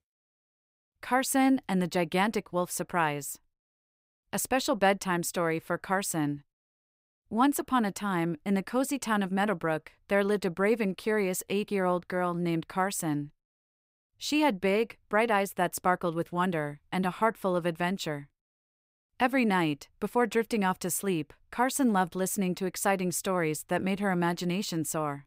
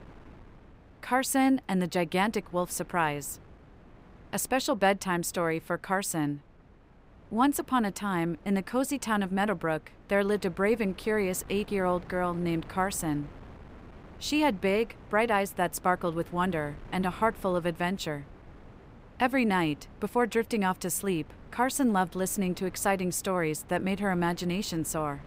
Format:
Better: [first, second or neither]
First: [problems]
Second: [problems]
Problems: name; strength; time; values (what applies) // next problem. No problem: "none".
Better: first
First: none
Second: wind noise on the microphone; occasional gusts; 25 dB below the speech